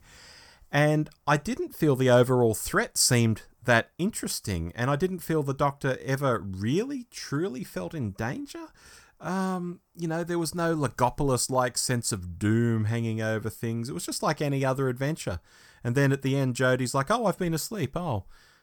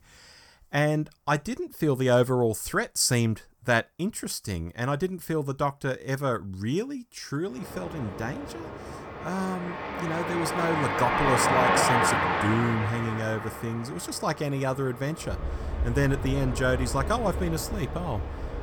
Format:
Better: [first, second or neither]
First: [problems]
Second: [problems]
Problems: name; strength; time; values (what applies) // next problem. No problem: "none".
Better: first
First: none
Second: train or aircraft noise; loud; from 7.5 s on; 1 dB below the speech